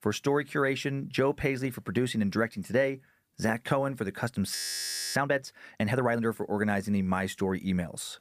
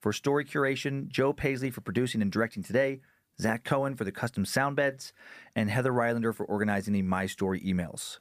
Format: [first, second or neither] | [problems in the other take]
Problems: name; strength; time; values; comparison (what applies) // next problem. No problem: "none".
second | audio freezing; at 4.5 s for 0.5 s